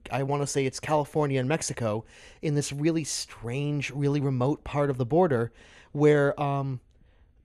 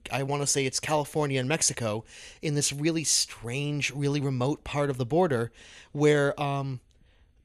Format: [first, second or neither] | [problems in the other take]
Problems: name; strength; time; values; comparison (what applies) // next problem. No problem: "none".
second | muffled; slightly; fading above 2 kHz